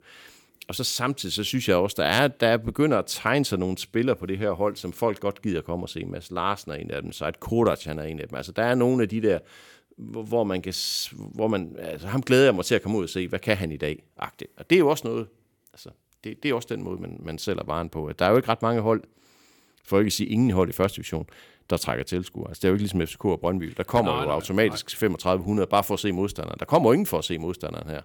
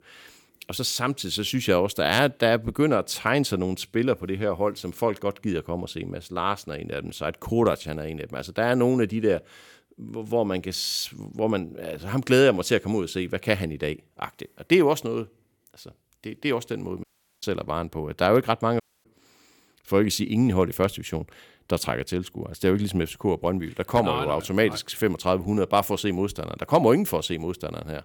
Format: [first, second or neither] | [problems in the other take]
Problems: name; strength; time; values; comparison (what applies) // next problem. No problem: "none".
first | audio cutting out; at 17 s and at 19 s